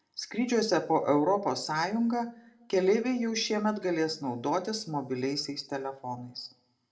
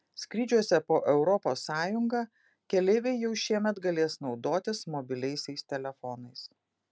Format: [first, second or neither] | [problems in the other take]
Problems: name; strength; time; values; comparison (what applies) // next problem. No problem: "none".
second | room echo; dies away in 0.3 s